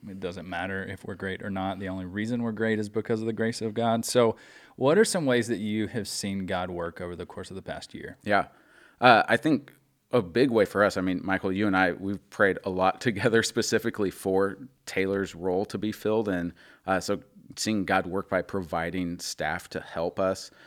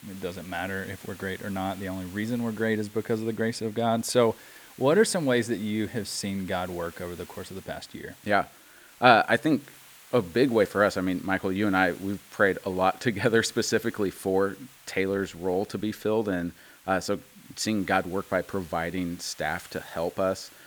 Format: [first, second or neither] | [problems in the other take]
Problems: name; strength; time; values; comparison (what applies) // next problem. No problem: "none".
first | hiss; faint; throughout; 20 dB below the speech